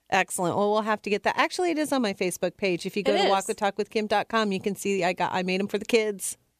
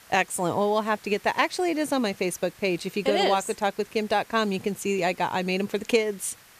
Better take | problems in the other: first | hiss; faint; throughout; 25 dB below the speech

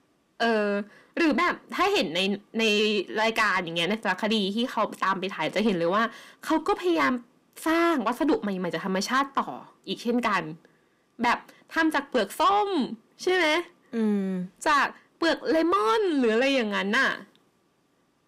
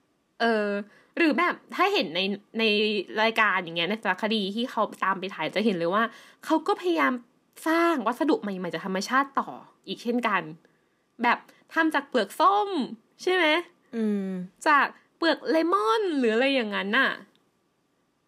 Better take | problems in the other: second | distortion; slight; 10 dB below the speech

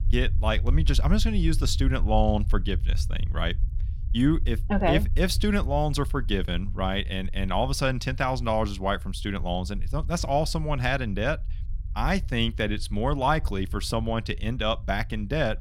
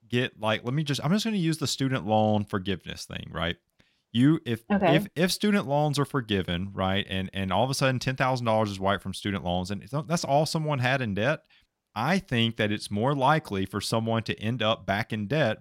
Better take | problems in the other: second | low rumble; faint; throughout; 20 dB below the speech

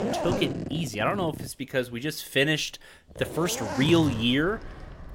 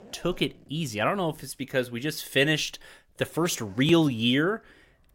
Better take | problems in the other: second | household noises; loud; throughout; 8 dB below the speech; faint in the second

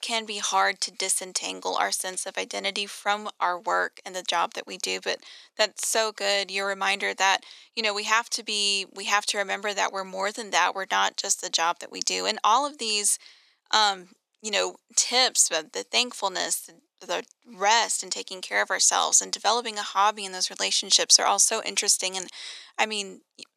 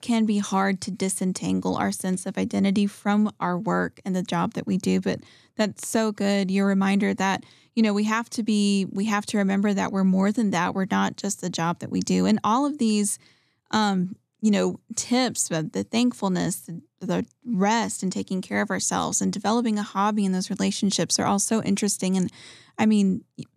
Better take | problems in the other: second | thin; very; fading below 550 Hz

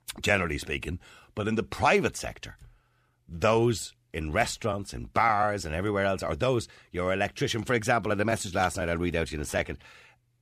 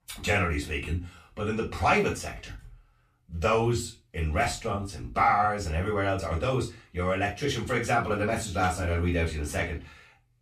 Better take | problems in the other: first | room echo; slight; dies away in 0.2 s // off-mic speech; far

